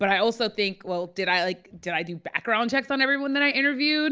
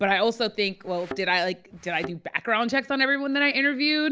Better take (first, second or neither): first